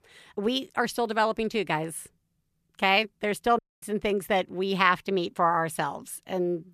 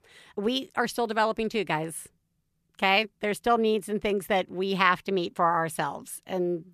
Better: second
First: audio cutting out; at 3.5 s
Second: none

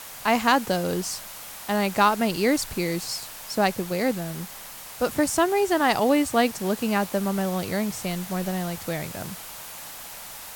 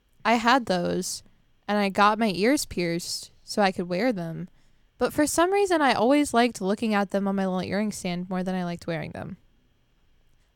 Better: second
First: hiss; noticeable; throughout; 10 dB below the speech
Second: none

